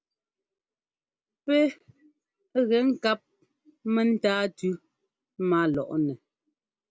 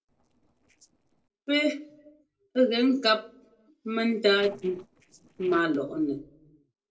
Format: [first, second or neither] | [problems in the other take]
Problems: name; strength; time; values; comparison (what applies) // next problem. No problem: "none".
first | noise reduction (neural separator model SepFormer DNS4)